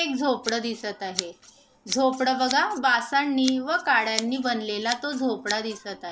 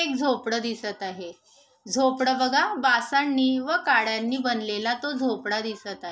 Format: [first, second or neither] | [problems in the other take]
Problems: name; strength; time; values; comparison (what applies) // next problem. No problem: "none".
second | background sound (Scissors); 13 dB below the speech